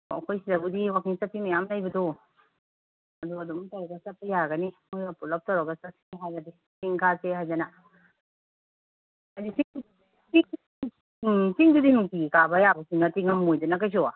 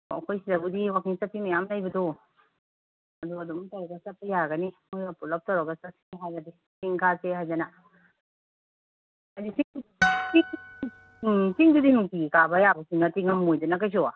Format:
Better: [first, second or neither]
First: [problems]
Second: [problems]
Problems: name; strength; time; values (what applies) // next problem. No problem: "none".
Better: first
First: none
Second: background sound (Harp); 4 dB below the speech